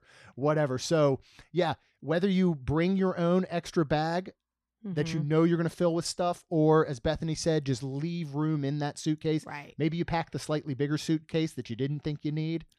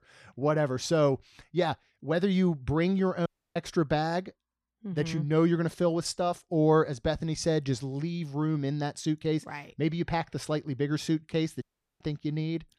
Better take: first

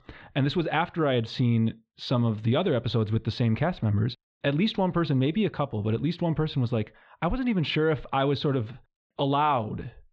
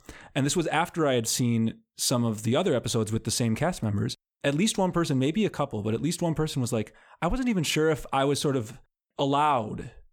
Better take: second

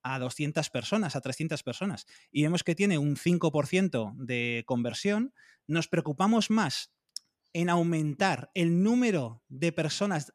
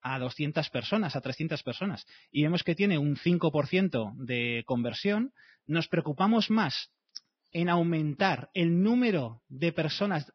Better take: first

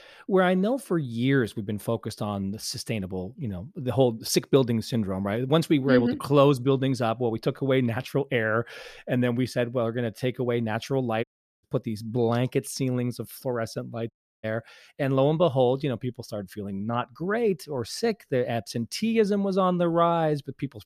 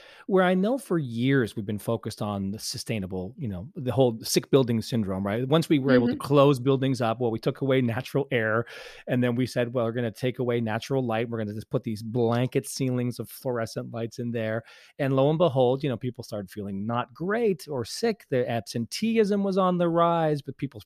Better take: second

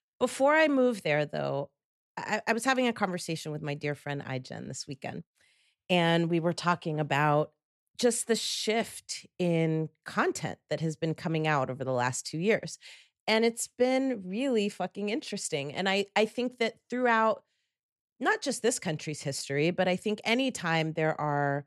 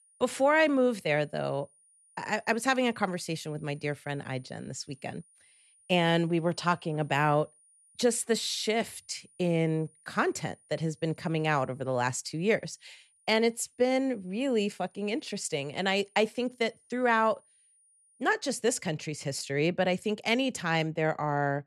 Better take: first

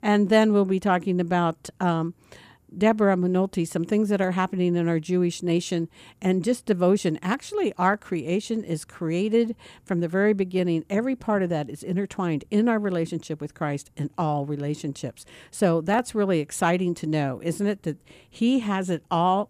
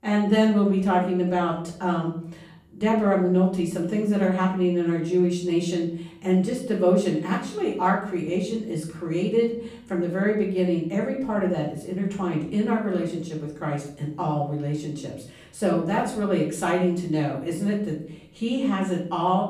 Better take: first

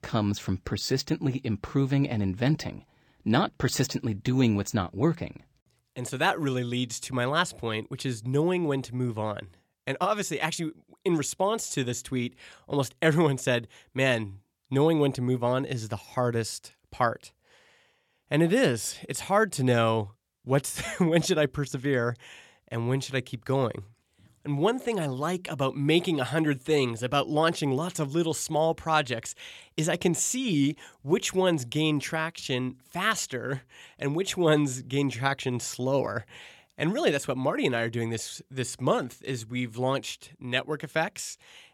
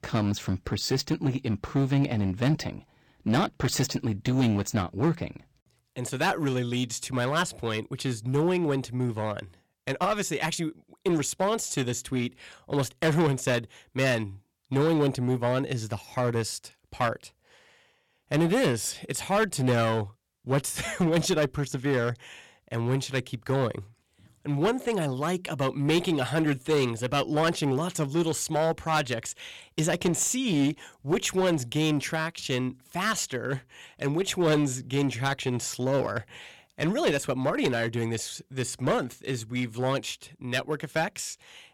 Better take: first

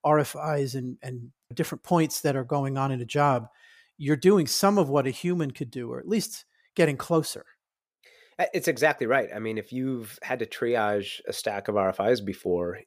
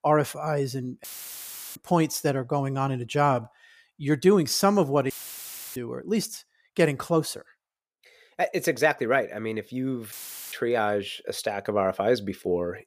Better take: first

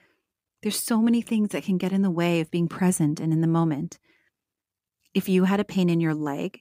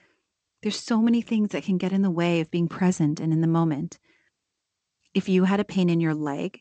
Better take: first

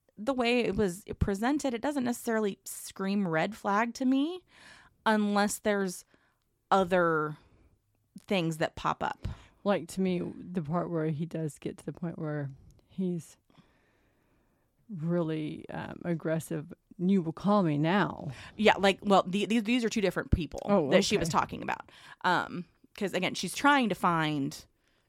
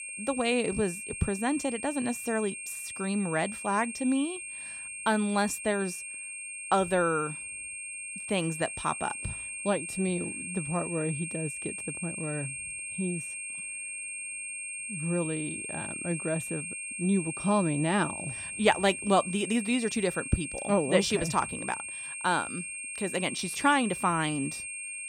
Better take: first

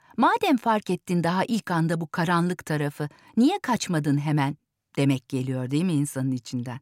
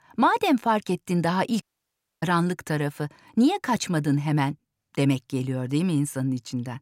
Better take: first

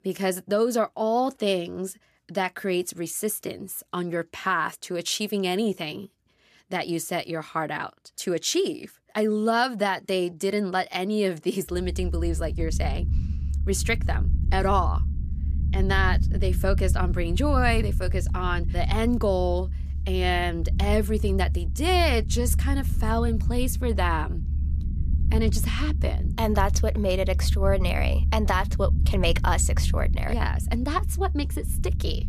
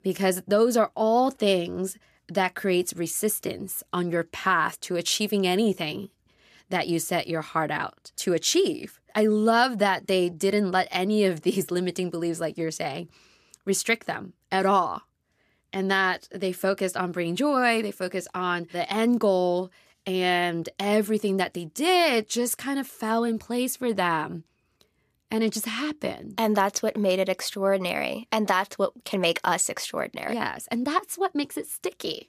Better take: second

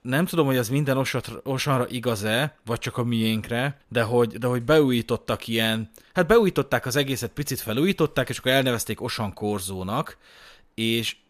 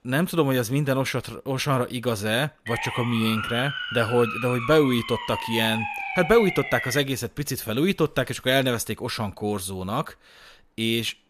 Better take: first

